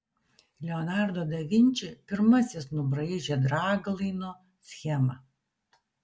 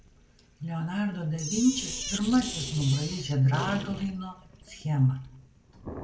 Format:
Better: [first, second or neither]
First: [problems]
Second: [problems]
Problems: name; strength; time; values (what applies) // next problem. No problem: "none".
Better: first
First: none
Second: background sound (Sink (filling or washing)); 10 dB below the speech // room echo; dies away in 0.3 s